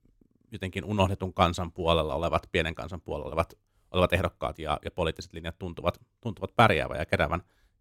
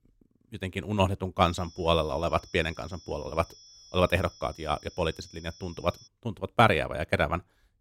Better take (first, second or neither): first